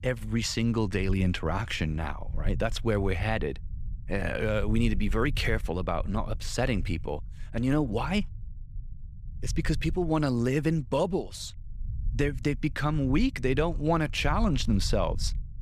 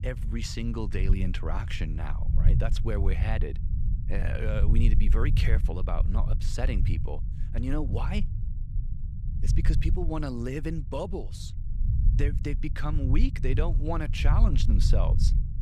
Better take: first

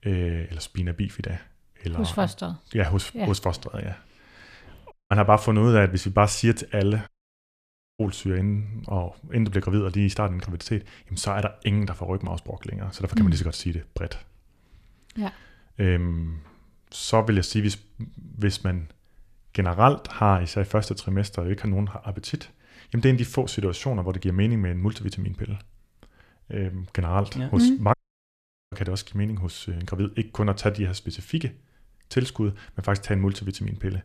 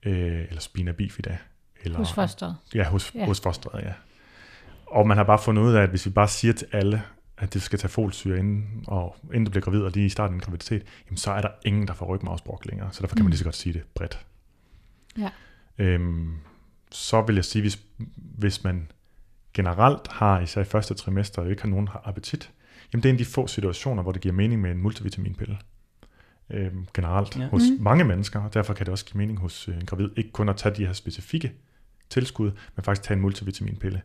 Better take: second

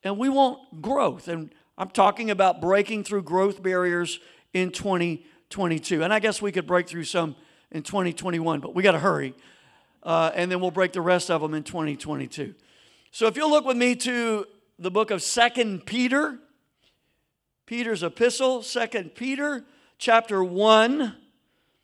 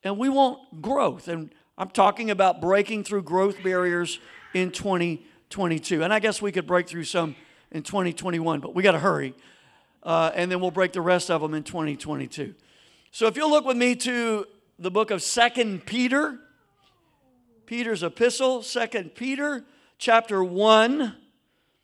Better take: first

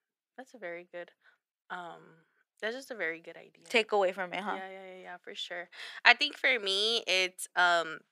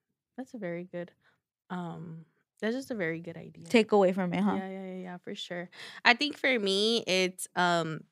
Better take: second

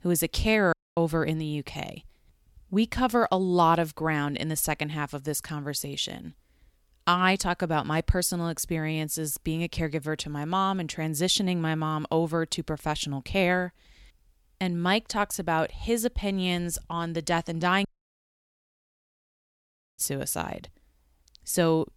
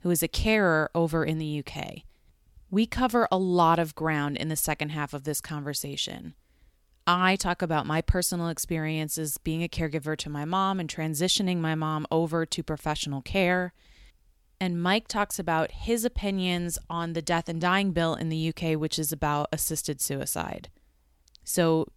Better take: second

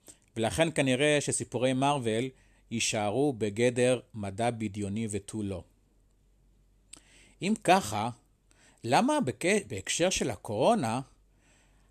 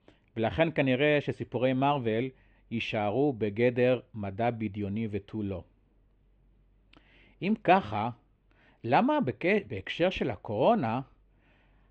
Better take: first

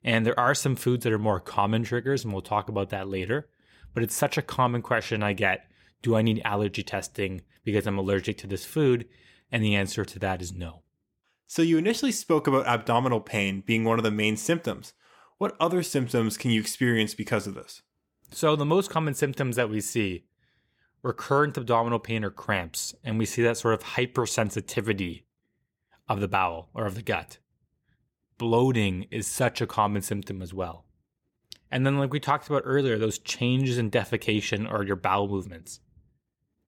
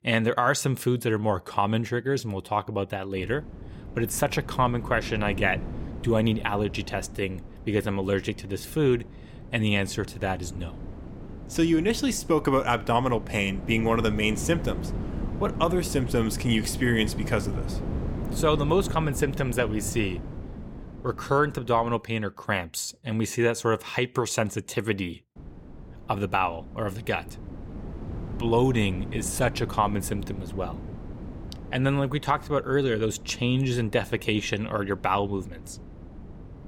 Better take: first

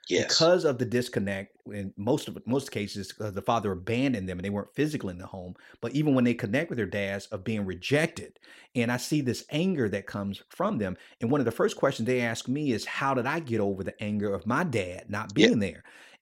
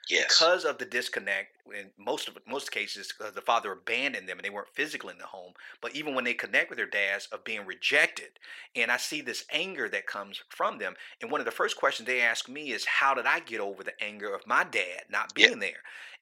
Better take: first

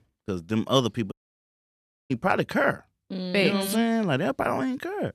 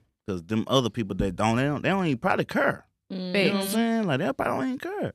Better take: second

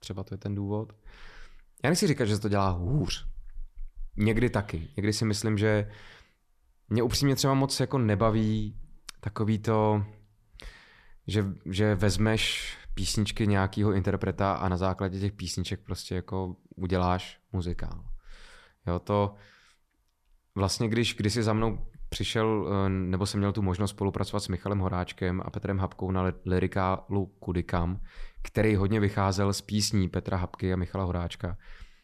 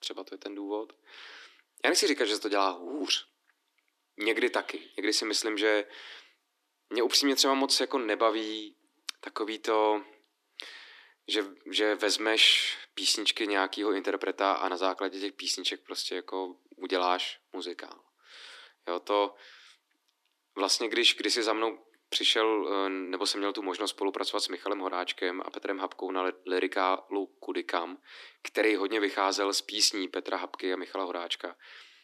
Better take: first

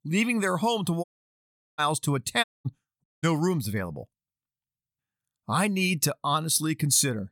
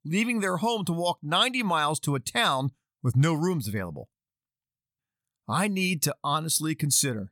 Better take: second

